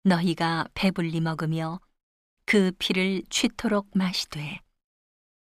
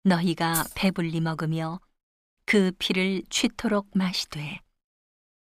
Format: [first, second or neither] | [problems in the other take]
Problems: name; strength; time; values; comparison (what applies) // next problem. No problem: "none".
first | jangling keys; noticeable; at 0.5 s; peak 5 dB below the speech